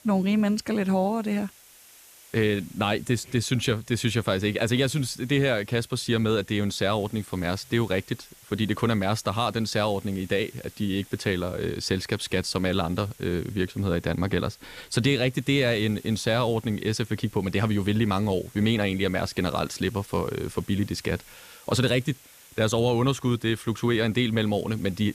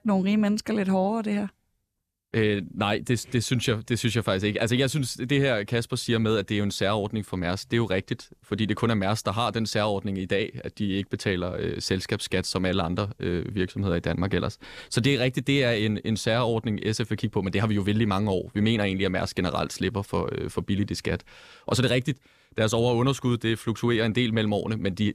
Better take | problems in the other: second | hiss; faint; throughout; 25 dB below the speech

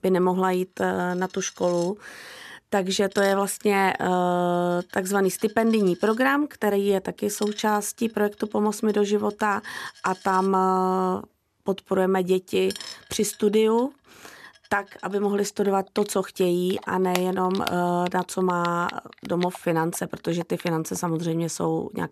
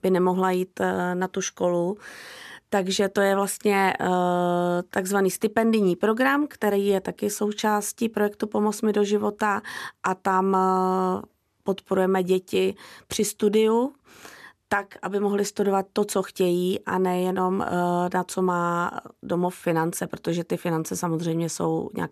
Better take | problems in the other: second | household noises; noticeable; throughout; 15 dB below the speech

